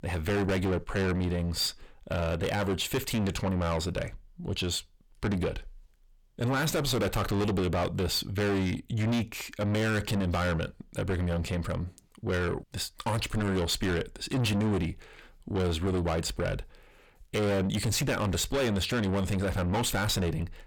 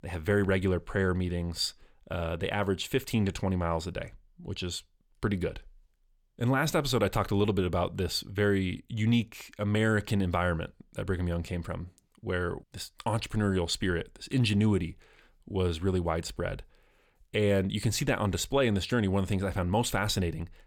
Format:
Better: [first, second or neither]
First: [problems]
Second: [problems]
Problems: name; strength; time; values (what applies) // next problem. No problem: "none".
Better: second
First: distortion; heavy; 6 dB below the speech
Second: none